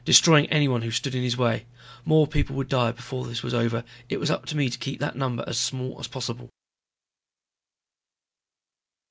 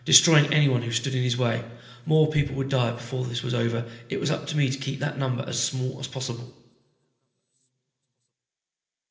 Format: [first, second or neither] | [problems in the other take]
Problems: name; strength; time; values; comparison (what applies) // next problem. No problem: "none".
first | room echo; dies away in 0.8 s